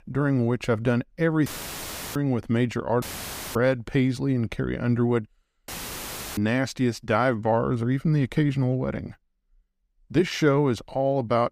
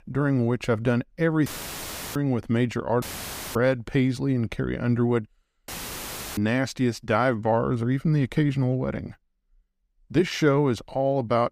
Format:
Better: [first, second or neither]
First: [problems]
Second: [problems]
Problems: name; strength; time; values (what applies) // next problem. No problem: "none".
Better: neither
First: audio cutting out; filled with static; at 1.5 s for 0.5 s, at 3 s for 0.5 s and at 5.5 s for 0.5 s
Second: audio cutting out; filled with static; at 1.5 s for 0.5 s, at 3 s for 0.5 s and at 5.5 s for 0.5 s